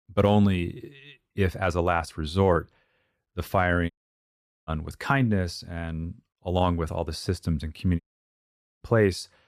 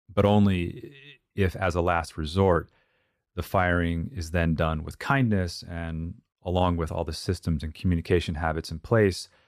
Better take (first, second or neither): second